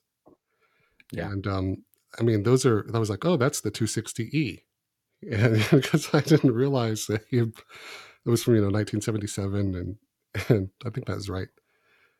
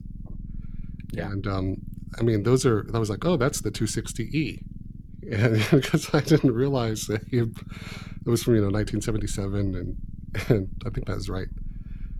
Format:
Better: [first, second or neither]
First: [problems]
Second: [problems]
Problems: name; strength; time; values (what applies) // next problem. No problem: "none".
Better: first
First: none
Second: low rumble; faint; throughout; 25 dB below the speech